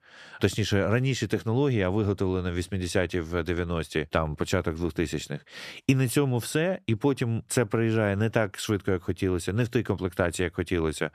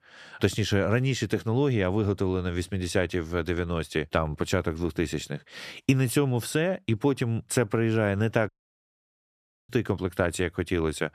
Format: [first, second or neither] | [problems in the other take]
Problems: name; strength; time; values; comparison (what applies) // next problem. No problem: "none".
first | audio cutting out; at 8.5 s for 1 s